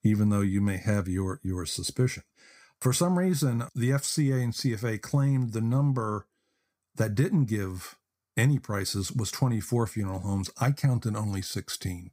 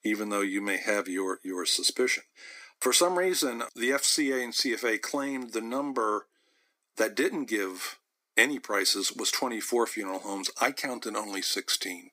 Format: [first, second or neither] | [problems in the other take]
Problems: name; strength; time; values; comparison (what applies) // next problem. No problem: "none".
first | thin; very; fading below 300 Hz